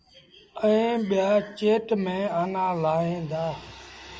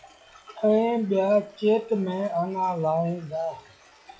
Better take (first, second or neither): first